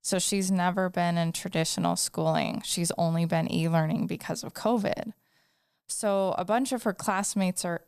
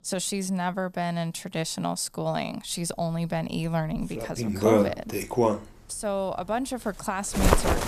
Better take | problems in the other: first | animal sounds; very loud; throughout; 4 dB above the speech

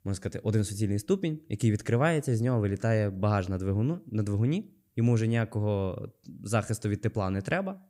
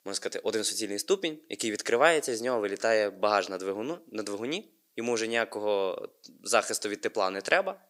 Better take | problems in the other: first | thin; very; fading below 400 Hz

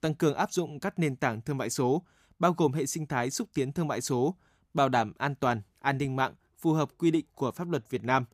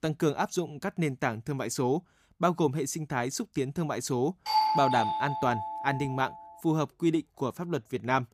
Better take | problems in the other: first | doorbell; loud; from 4.5 to 6 s; peak 5 dB above the speech

